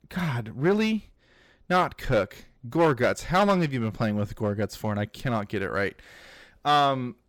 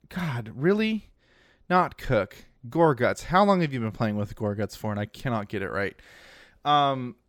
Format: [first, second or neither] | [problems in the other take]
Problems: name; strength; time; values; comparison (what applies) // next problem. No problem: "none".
second | distortion; slight; 4% of the sound clipped